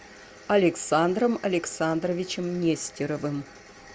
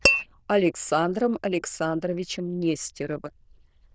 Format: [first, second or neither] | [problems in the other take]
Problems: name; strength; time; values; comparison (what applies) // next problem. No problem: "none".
first | noise reduction (neural diffusion model UNIVERSE++)